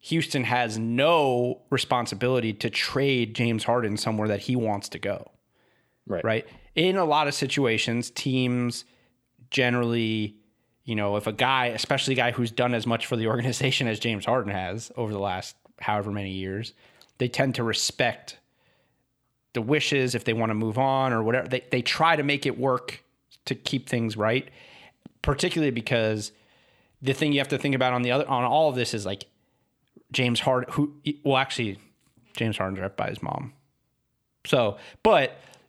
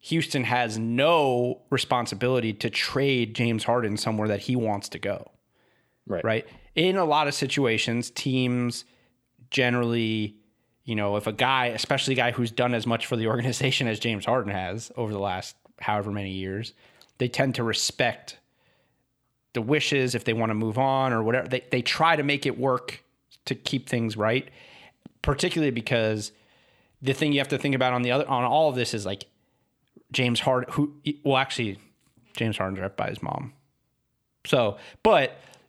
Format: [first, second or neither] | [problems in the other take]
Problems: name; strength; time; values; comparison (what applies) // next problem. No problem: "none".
neither | none